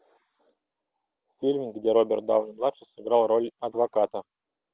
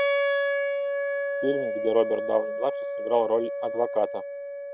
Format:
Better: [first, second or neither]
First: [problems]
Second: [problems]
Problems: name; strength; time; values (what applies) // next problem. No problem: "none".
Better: first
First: none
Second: background sound (Wind instrument, woodwind instrument); as loud as the speech